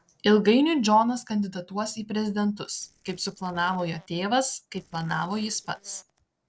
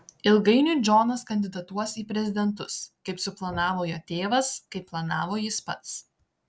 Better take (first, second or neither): second